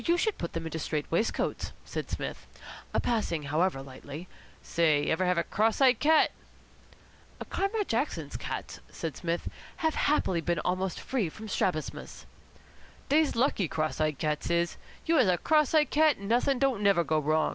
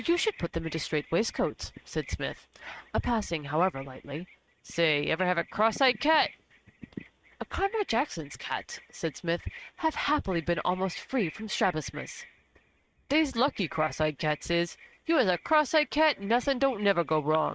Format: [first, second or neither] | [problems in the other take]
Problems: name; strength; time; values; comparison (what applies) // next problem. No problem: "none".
first | noise reduction (neural mask model RNNoise)